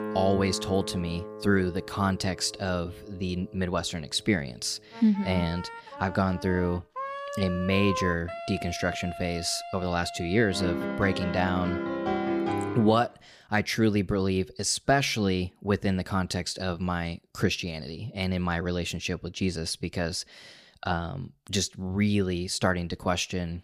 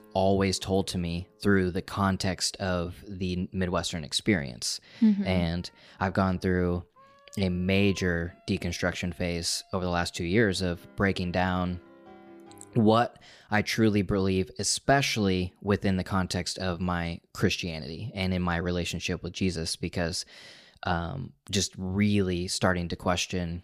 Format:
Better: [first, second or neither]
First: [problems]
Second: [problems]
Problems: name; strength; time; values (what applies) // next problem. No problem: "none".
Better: second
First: background music; loud; until 13 s; 7 dB below the speech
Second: background music; faint; until 13 s; 30 dB below the speech